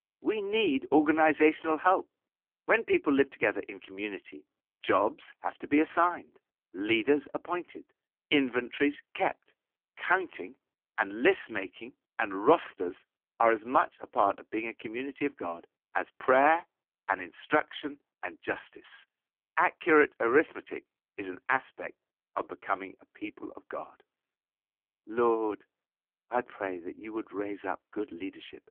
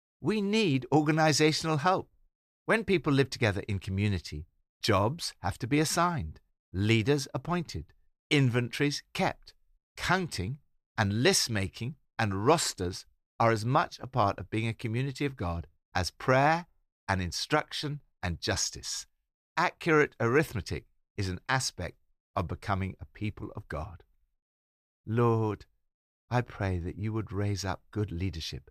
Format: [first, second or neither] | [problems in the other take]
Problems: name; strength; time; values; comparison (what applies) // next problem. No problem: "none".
second | phone-call audio; poor line; nothing above 3 kHz